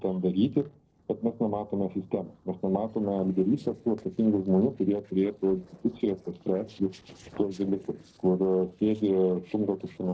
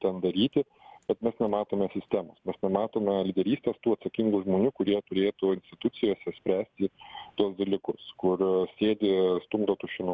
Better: second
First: noise reduction (neural separator model SepFormer DNS4)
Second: none

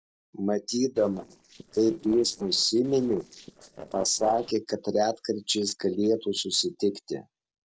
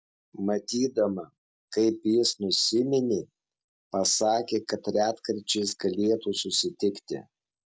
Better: second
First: noise reduction (neural separator model SepFormer DNS4)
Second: none

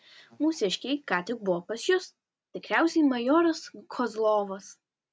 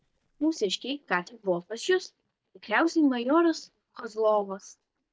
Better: first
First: none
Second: noise reduction (neural mask model DeepFilterNet 3)

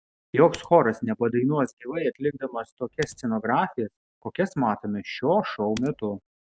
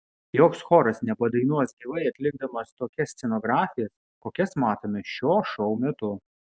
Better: second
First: background sound (Typing); 20 dB below the speech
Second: none

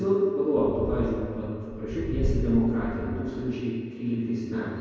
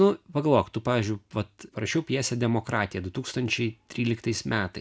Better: second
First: background sound (Wind); 5 dB below the speech // room echo; dies away in 2.2 s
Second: none

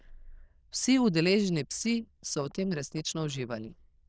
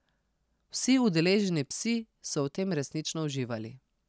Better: second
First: noise reduction (neural diffusion model UNIVERSE++)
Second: none

